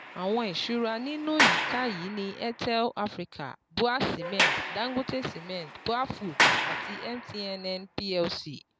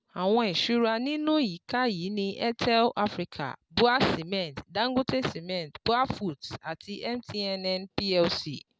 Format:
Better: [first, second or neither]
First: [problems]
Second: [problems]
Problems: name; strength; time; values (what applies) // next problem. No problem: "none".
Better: second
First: background sound (Sliding door); as loud as the speech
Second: none